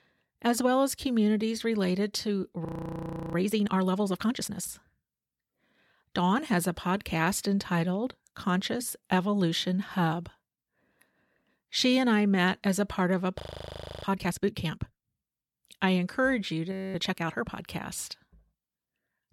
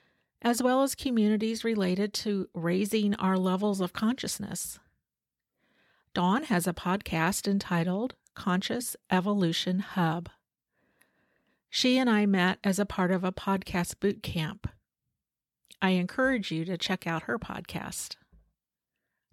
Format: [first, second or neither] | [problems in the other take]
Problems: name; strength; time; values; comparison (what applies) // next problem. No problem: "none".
second | audio freezing; at 2.5 s for 0.5 s, at 13 s for 0.5 s and at 17 s